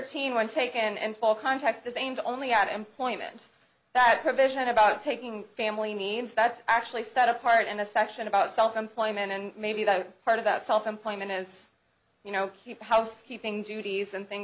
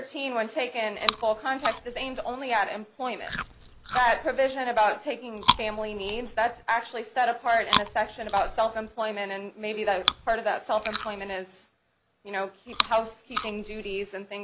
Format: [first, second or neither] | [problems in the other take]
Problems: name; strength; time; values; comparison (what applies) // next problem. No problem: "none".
first | background sound (Chewing, mastication); 6 dB below the speech